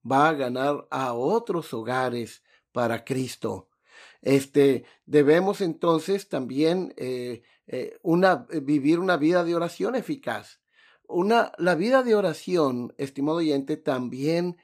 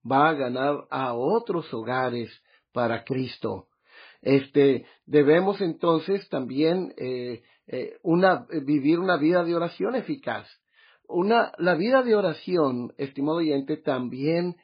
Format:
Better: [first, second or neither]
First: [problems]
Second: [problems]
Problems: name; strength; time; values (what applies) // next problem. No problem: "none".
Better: first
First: none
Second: garbled, watery; badly; nothing above 4.5 kHz